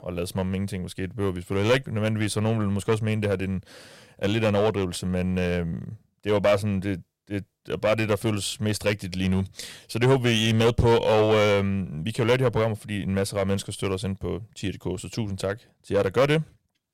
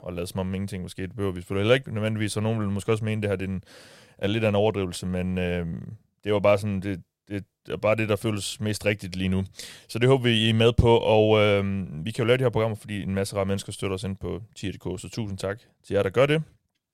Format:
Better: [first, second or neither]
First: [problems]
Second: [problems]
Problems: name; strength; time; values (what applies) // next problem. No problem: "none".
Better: second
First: distortion; slight; 4% of the sound clipped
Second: none